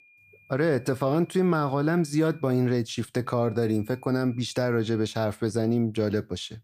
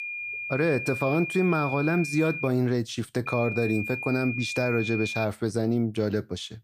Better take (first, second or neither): first